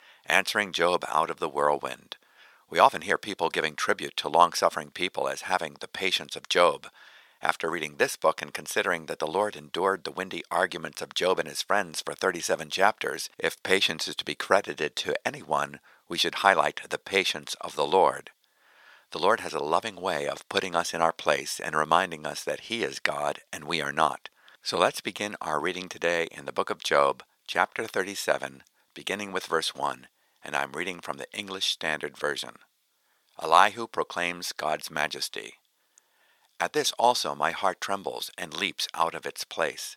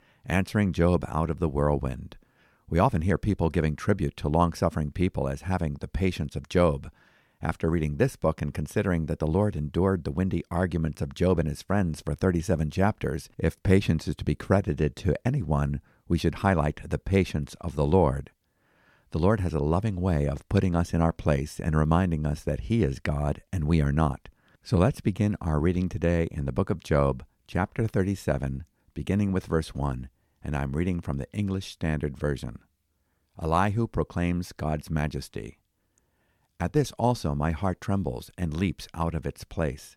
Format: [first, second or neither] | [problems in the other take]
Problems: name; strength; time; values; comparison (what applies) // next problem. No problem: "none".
second | thin; very; fading below 750 Hz